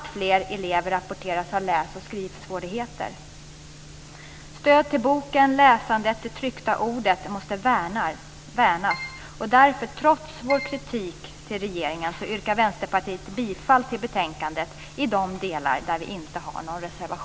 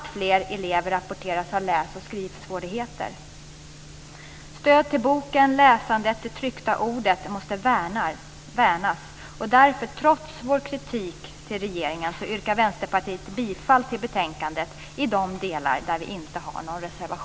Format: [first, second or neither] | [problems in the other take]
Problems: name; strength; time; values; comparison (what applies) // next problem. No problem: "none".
second | background sound (Keyboard (musical)); 8 dB below the speech